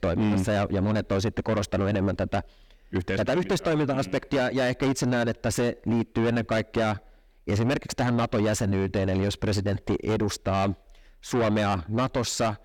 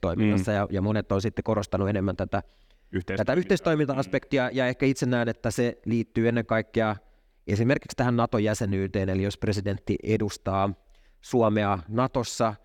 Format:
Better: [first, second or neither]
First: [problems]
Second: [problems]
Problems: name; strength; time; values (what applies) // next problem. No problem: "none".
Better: second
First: distortion; heavy; 7 dB below the speech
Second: none